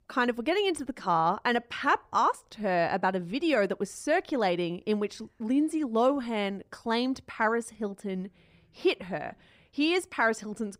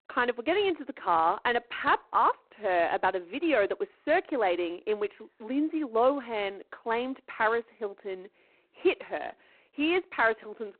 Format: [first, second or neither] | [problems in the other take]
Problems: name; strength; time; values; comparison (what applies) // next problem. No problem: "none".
first | phone-call audio; poor line